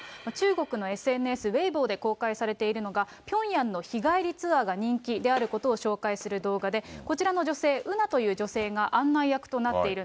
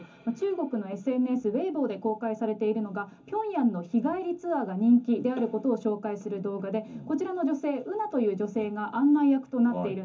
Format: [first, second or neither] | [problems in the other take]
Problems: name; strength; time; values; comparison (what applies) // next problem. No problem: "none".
first | room echo; dies away in 0.3 s